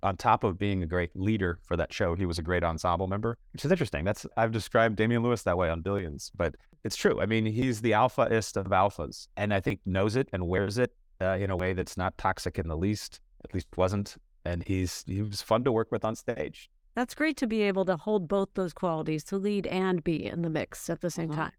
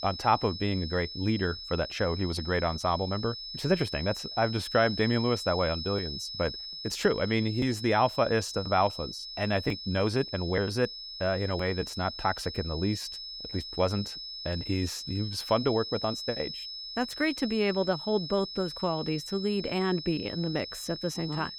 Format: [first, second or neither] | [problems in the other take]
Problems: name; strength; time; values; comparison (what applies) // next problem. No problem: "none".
first | high-pitched whine; loud; throughout; 5 kHz, 8 dB below the speech